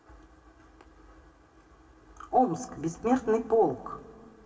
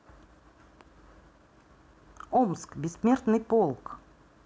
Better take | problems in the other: second | room echo; dies away in 2.6 s

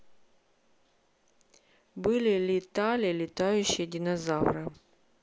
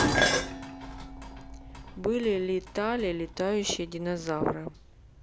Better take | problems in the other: first | background sound (Dishes, pots, and pans); 2 dB below the speech

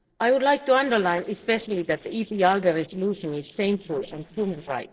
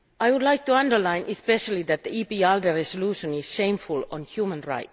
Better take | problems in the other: second | noise reduction (neural separator model SepFormer DNS4)

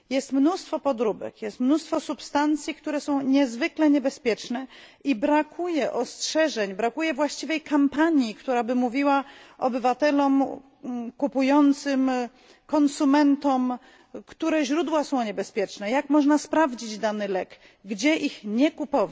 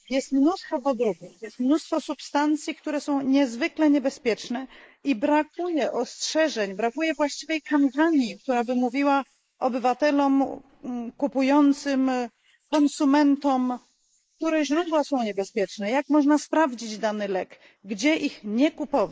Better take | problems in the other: first | noise reduction (neural mask model Resemble Enhance denoiser)

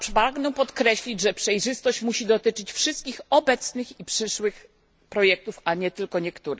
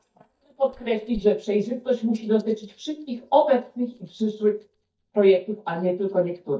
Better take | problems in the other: first | noise reduction (neural mask model DeepFilterNet 3)

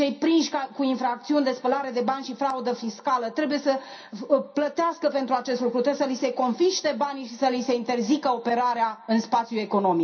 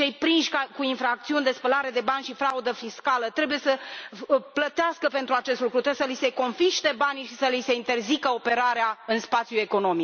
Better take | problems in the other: second | room echo; dies away in 0.3 s

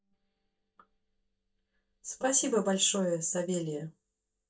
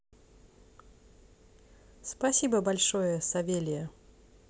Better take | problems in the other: second | noise reduction (neural mask model DeepFilterNet 3)

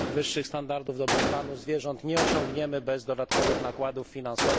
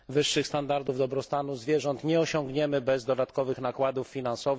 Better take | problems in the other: second | background sound (Gunshot, gunfire); as loud as the speech

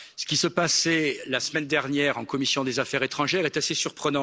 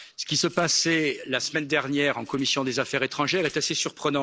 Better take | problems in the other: first | noise reduction (neural separator model SepFormer DNS4)

